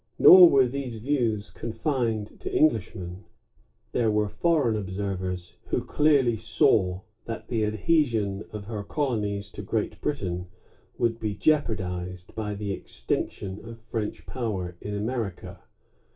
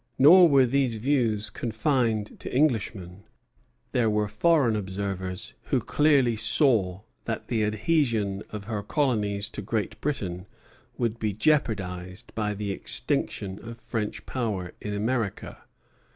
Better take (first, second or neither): second